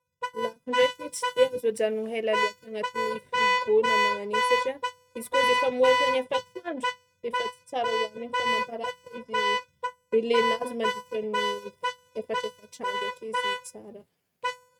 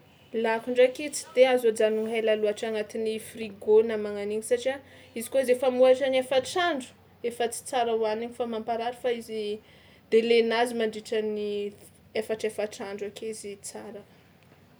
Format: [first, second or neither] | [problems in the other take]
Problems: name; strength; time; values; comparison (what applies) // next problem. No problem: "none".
second | noise reduction (neural mask model RNNoise)